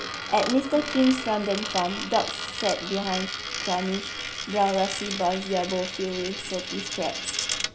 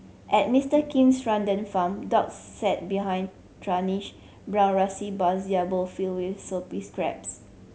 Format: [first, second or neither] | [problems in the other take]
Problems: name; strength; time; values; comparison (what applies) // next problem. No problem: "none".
second | background sound (Coin (dropping)); 5 dB below the speech